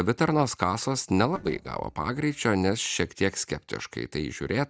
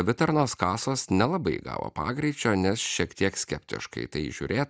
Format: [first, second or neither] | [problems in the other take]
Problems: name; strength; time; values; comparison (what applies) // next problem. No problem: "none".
second | noise reduction (neural separator model SepFormer DNS4)